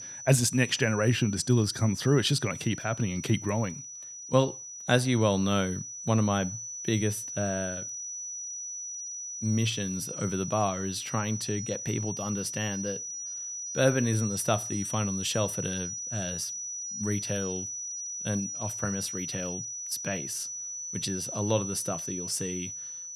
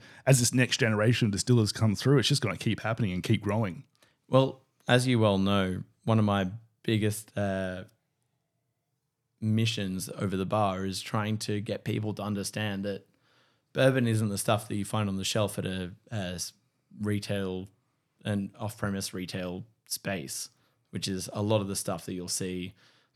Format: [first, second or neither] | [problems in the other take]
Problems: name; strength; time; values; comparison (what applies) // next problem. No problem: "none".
second | high-pitched whine; loud; throughout; 6 kHz, 6 dB below the speech